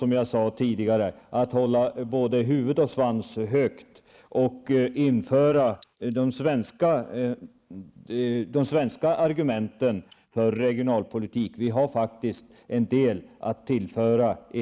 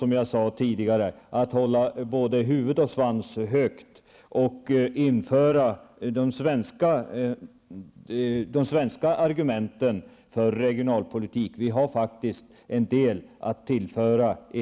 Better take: second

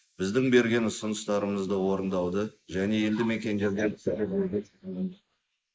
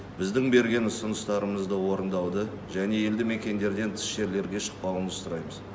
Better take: second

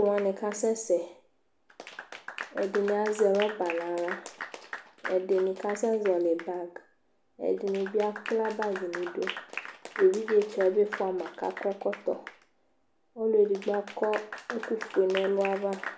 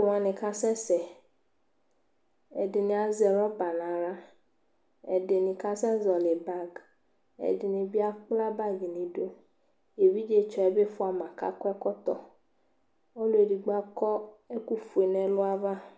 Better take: second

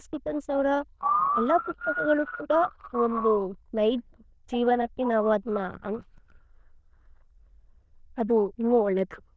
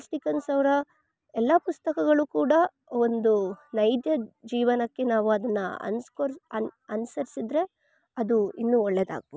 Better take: second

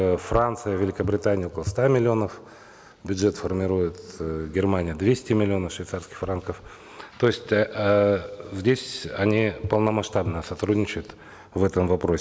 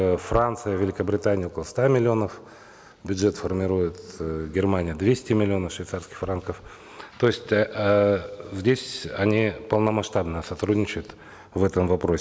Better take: second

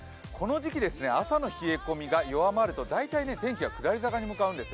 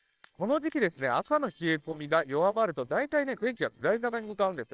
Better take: first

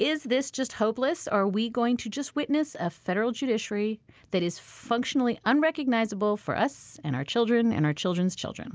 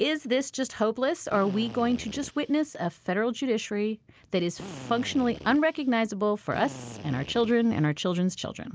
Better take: first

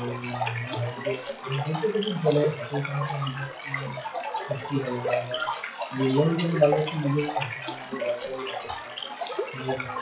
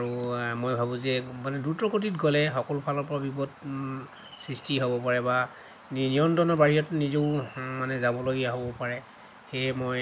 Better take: second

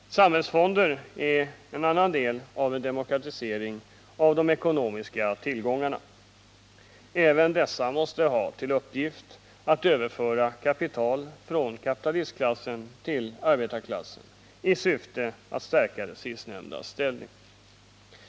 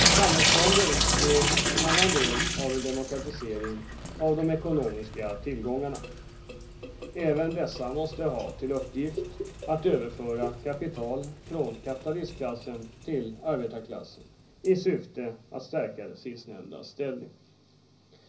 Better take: first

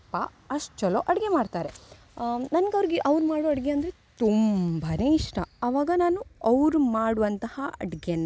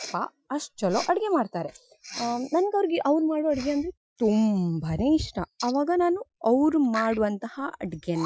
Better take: first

